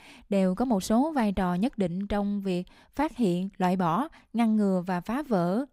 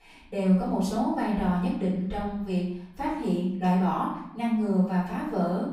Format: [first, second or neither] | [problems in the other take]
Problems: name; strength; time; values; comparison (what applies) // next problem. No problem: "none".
first | room echo; noticeable; dies away in 0.7 s // off-mic speech; far